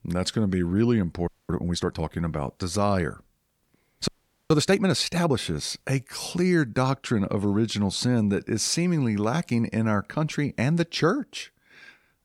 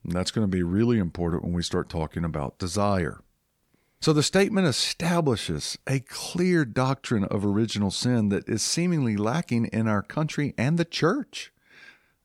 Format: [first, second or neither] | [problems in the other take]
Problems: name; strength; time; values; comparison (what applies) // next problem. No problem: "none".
second | audio freezing; at 1.5 s and at 4 s